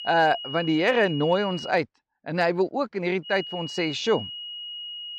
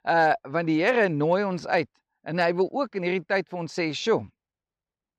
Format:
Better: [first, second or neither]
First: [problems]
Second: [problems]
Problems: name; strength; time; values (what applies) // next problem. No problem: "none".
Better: second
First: high-pitched whine; loud; until 1.5 s and from 3.5 s on; 3 kHz, 10 dB below the speech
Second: none